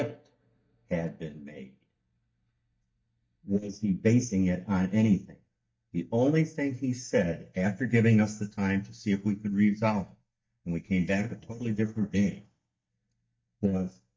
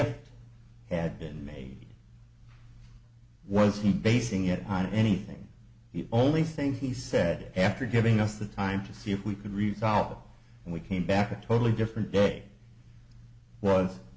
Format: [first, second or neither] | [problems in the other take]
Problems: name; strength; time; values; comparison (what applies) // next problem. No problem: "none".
second | noise reduction (neural mask model DeepFilterNet 3)